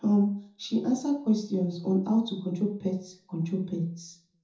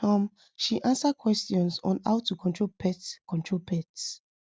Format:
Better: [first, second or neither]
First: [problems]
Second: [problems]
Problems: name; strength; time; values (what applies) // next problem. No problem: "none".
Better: second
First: room echo; dies away in 0.5 s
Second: none